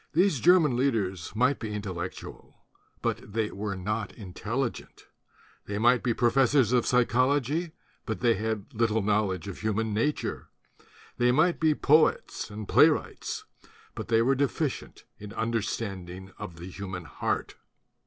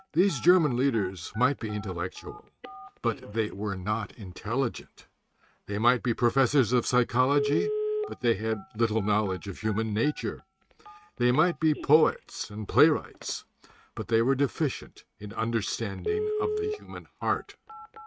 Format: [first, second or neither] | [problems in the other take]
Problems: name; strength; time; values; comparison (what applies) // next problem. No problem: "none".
first | noise reduction (neural mask model RNNoise)